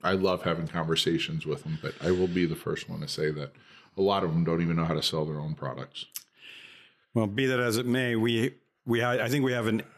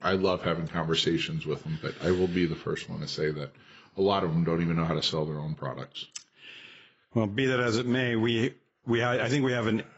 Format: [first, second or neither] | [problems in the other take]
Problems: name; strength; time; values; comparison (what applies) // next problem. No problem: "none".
first | garbled, watery; badly; nothing above 8 kHz